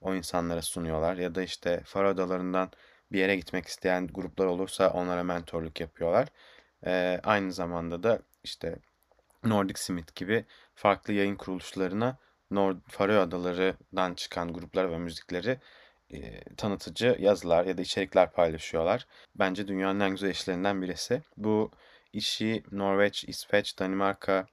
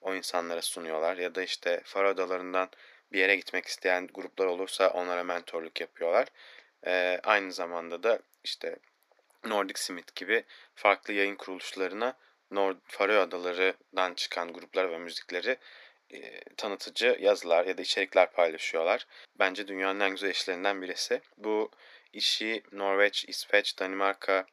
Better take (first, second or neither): first